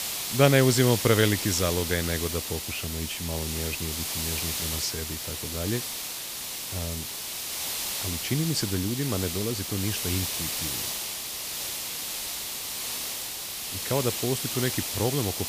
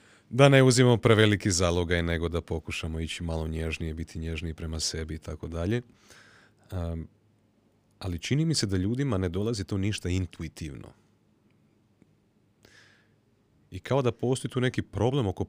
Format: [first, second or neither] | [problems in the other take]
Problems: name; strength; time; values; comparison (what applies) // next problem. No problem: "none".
second | hiss; loud; throughout; 2 dB below the speech